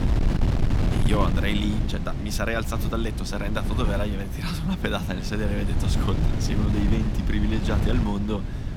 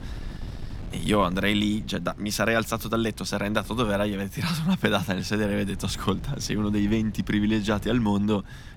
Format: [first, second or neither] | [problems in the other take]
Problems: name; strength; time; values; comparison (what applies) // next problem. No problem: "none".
second | wind noise on the microphone; heavy; 5 dB below the speech; occasional gusts in the second